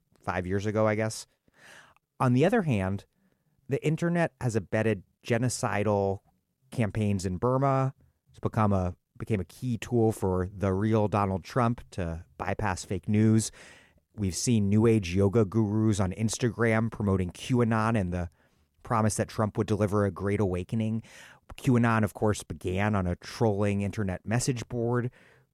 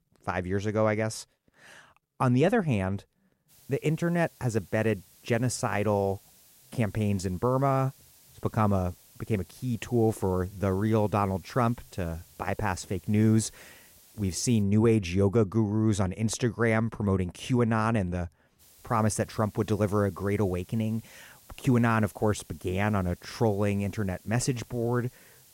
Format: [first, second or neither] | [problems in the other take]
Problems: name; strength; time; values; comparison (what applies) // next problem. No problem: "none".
first | hiss; faint; from 3.5 to 15 s and from 19 s on; 25 dB below the speech